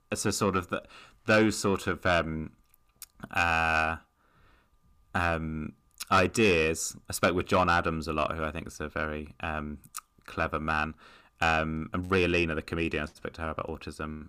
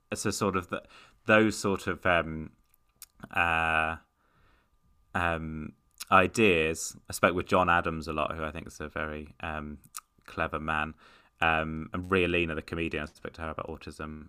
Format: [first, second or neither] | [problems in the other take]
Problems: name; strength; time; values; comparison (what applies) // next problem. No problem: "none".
second | distortion; slight; 10 dB below the speech